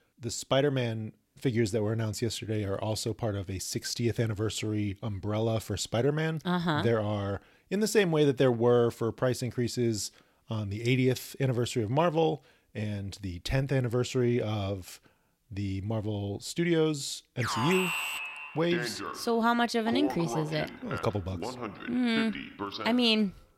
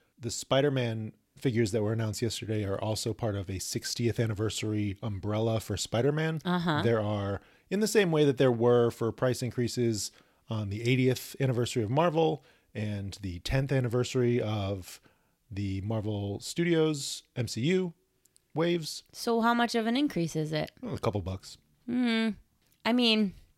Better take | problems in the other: second | alarm; loud; from 17 s on; peak level with the speech

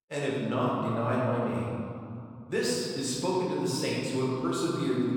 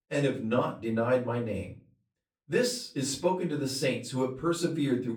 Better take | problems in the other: second | room echo; strong; dies away in 2.5 s; slight in the second // off-mic speech; far; far in the second

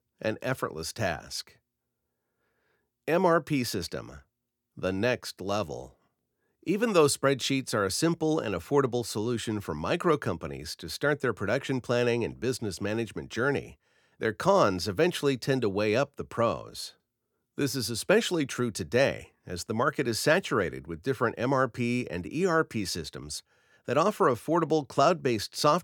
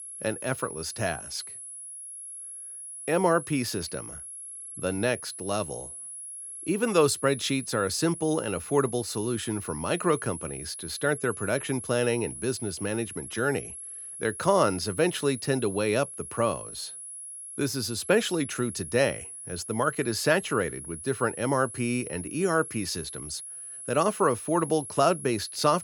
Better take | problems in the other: first | high-pitched whine; loud; throughout; 11 kHz, 10 dB below the speech

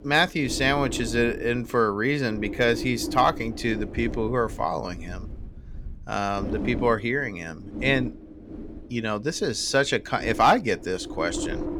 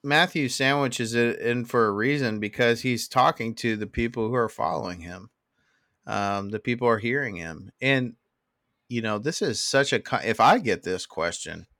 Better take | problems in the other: second | wind noise on the microphone; occasional gusts; 15 dB below the speech

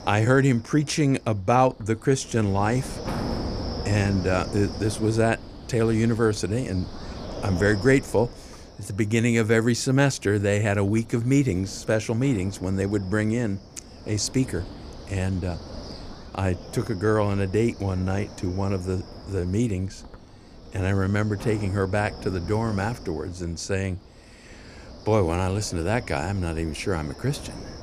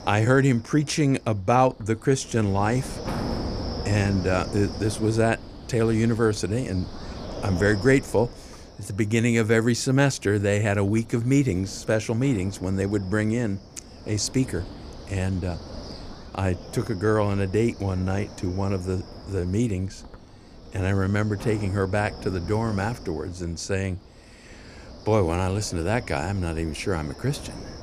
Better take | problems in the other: neither | wind noise on the microphone; occasional gusts; 15 dB below the speech; the same in both

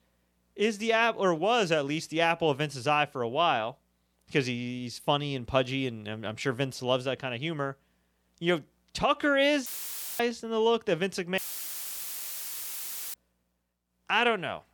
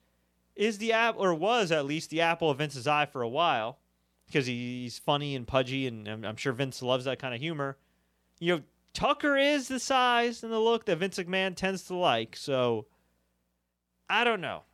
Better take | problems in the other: second | audio cutting out; filled with static; at 9.5 s for 0.5 s and at 11 s for 2 s

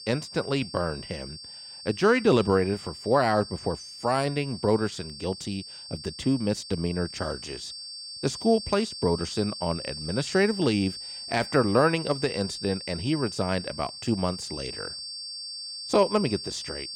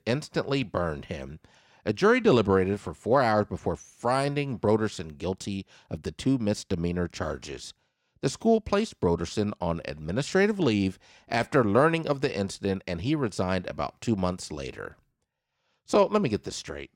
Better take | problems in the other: second | high-pitched whine; loud; throughout; 4.5 kHz, 10 dB below the speech

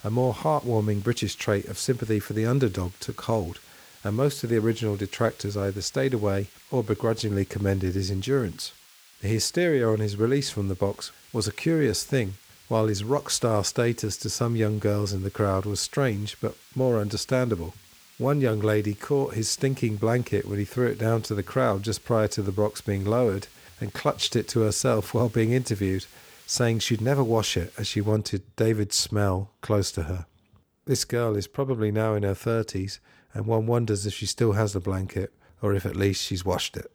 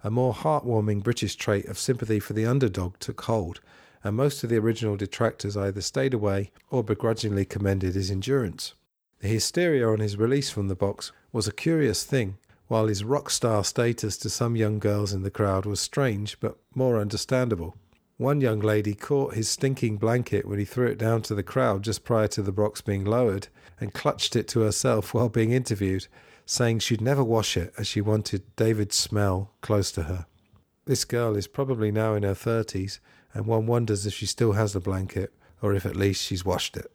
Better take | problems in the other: second | hiss; faint; until 28 s; 25 dB below the speech

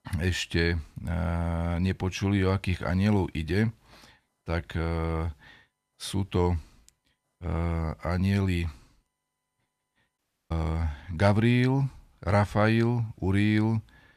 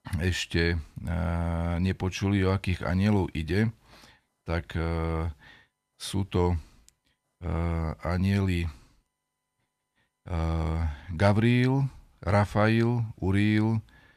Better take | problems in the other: second | audio cutting out; at 10 s

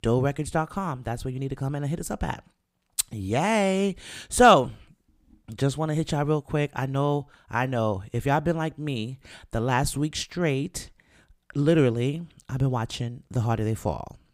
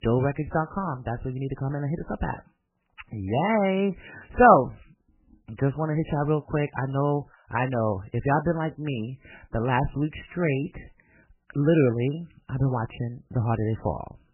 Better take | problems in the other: first | garbled, watery; badly; nothing above 3 kHz

